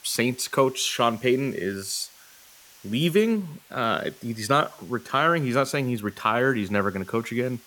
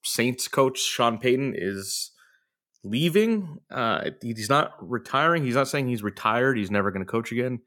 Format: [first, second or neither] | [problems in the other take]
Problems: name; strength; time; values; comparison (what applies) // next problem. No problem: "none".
second | hiss; faint; throughout; 25 dB below the speech